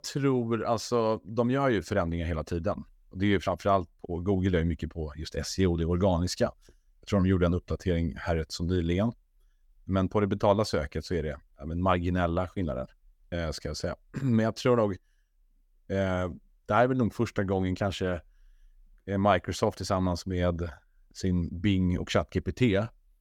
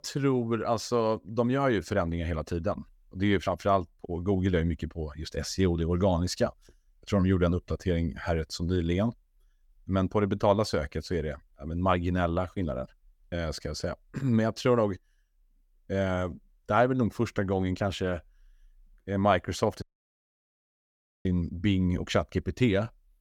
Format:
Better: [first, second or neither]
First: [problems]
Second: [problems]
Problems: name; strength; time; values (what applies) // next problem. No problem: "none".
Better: first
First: none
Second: audio cutting out; at 20 s for 1.5 s